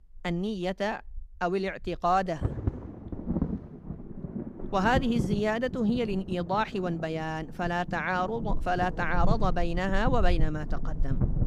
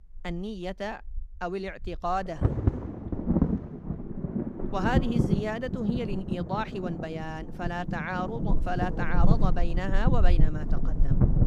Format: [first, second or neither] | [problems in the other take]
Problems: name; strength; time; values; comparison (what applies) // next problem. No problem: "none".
first | wind noise on the microphone; heavy; 5 dB below the speech; occasional gusts in the first